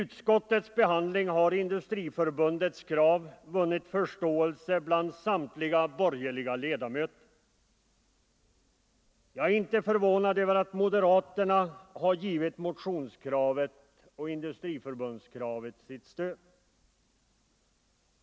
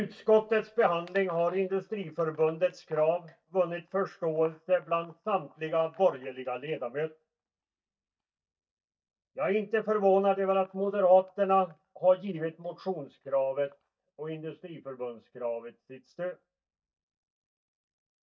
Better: first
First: none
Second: noise reduction (neural mask model DeepFilterNet 3)

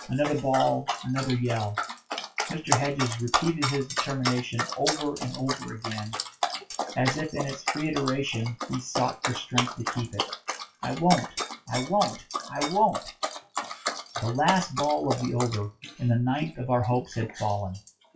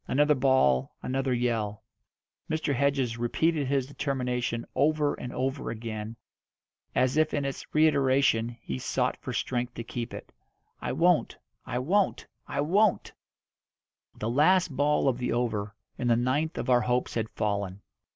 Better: second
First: noise reduction (classical method WPE with log-MMSE)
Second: none

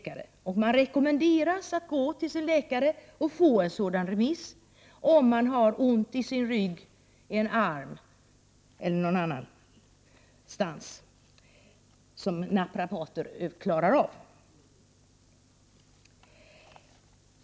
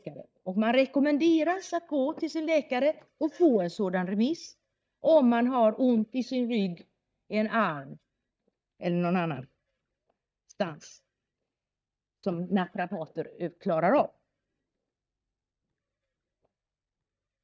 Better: first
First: none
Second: noise reduction (neural mask model DeepFilterNet 3)

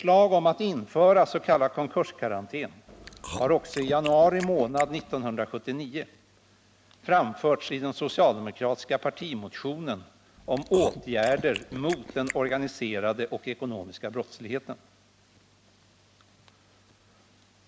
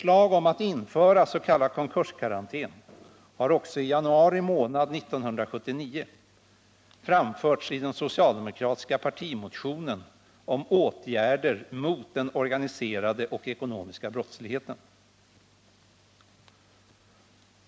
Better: second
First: background sound (Chewing, mastication); 13 dB below the speech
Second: none

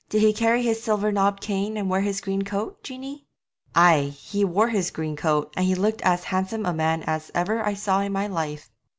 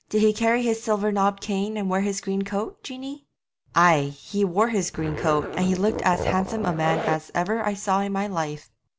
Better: first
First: none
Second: background sound (Zipper (clothing)); 7 dB below the speech

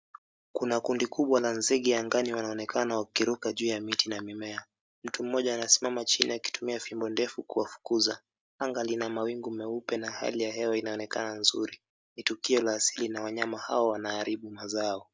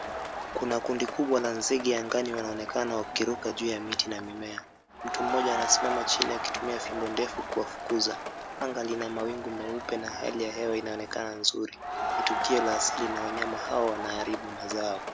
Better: first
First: none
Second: background sound (Crowd); 4 dB below the speech

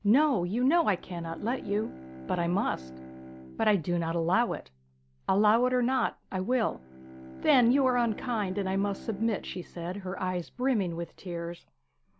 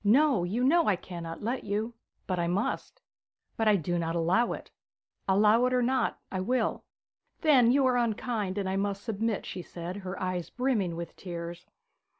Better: second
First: background sound (Bowed string instrument); 17 dB below the speech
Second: none

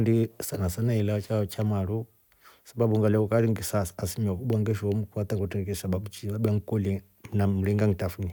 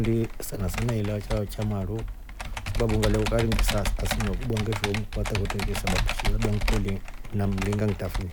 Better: first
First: none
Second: background sound (Computer keyboard); as loud as the speech

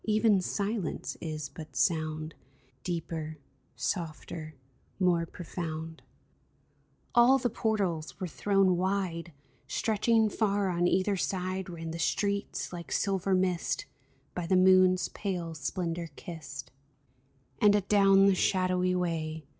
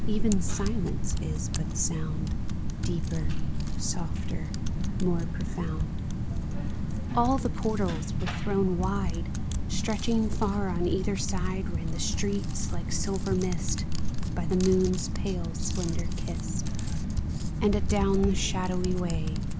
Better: first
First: none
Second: background sound (Typing); 3 dB above the speech

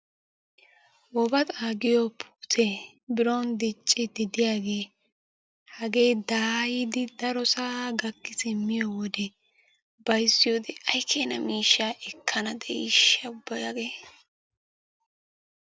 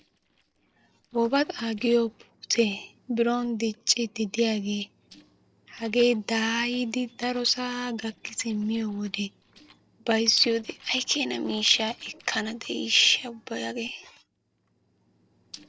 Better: first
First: none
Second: noise reduction (neural separator model SepFormer DNS4)

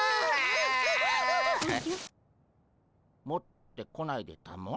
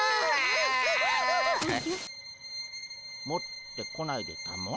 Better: first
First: none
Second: background sound (Bowed string instrument); 10 dB below the speech

